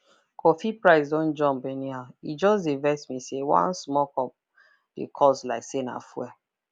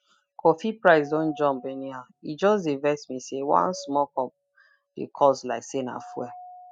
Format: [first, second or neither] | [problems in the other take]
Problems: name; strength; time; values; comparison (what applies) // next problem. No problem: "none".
first | noise reduction (classical method spectral subtraction)